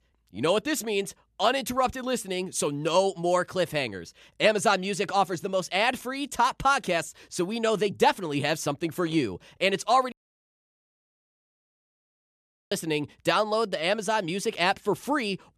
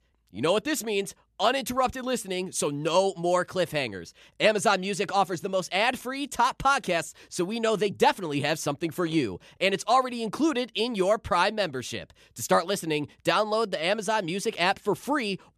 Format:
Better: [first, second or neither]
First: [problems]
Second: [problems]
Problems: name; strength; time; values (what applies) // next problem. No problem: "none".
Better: second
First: audio cutting out; at 10 s for 2.5 s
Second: none